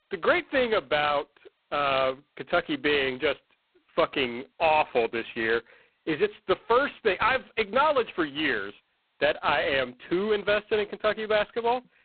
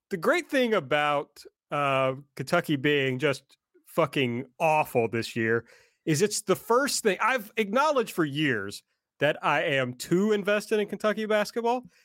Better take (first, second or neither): second